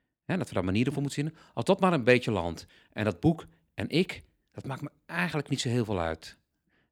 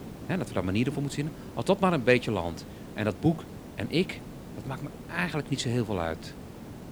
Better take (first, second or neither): first